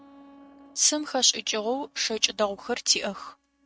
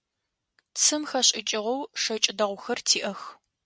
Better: second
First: noise reduction (neural mask model RNNoise)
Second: none

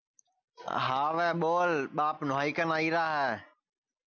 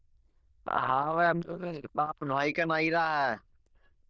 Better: first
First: none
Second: noise reduction (neural diffusion model UNIVERSE++)

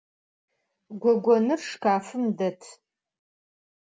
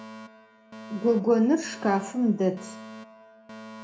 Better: first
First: none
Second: background sound (Alarm); 17 dB below the speech // room echo; dies away in 0.4 s

